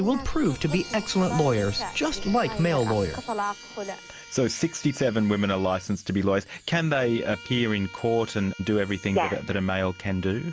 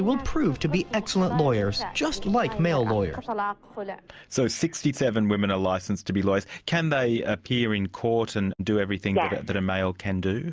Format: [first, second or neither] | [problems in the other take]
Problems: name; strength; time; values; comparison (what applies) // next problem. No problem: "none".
second | background sound (Bowed string instrument + Chime); 19 dB below the speech